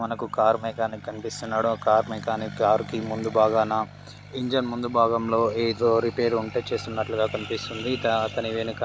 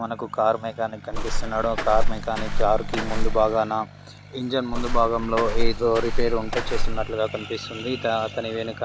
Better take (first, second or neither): first